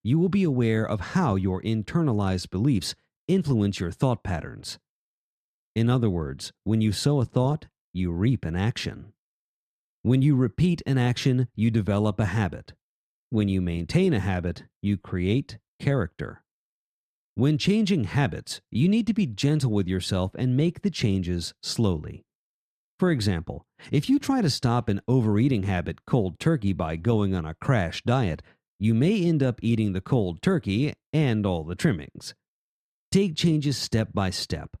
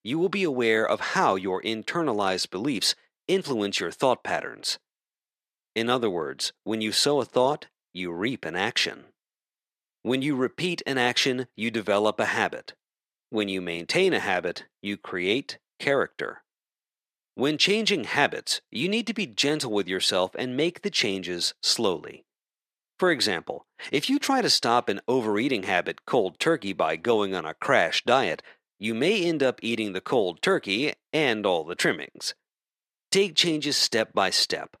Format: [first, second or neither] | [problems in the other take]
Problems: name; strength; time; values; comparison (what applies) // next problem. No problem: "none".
first | thin; very; fading below 500 Hz